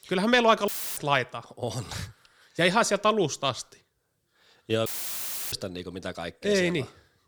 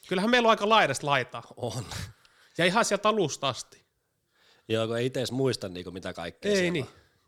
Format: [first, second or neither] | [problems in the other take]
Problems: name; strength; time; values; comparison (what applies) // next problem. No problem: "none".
second | audio cutting out; filled with static; at 0.5 s and at 5 s for 0.5 s